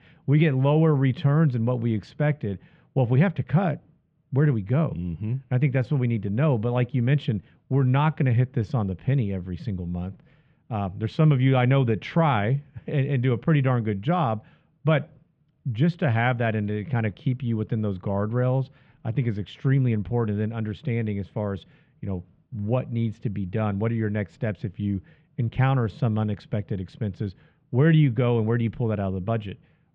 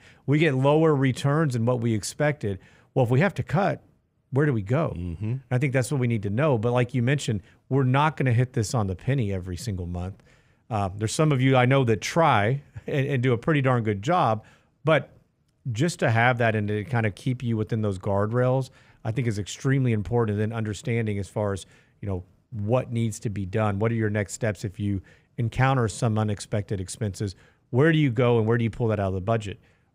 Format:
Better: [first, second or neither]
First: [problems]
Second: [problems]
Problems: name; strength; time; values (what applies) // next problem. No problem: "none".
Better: second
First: muffled; slightly; fading above 3.5 kHz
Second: none